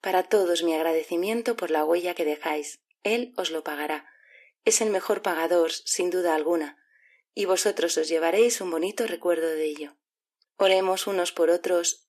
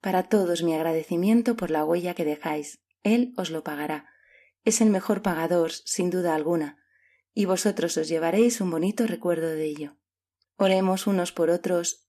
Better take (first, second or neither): second